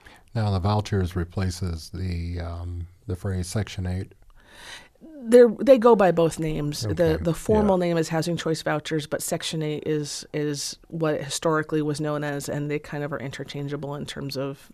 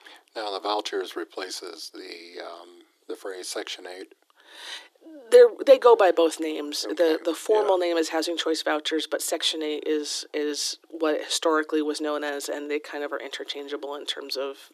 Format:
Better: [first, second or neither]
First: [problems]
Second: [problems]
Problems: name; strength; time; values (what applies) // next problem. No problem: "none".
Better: first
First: none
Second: thin; very; fading below 300 Hz